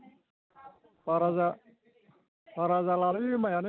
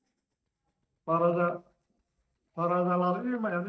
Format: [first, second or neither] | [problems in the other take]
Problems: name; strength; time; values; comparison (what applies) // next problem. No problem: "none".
first | noise reduction (neural mask model DeepFilterNet 3)